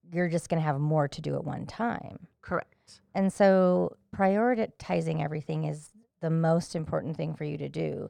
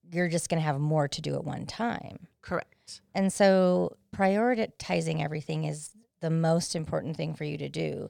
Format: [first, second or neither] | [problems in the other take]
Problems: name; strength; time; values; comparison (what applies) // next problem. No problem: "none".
second | muffled; slightly; fading above 2 kHz